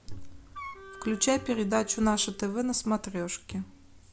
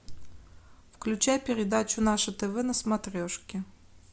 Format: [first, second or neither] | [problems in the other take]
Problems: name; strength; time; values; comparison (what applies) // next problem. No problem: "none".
second | background sound (Wind instrument, woodwind instrument + Bowed string instrument); 16 dB below the speech